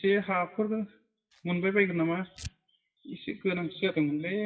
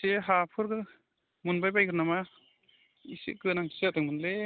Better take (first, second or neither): second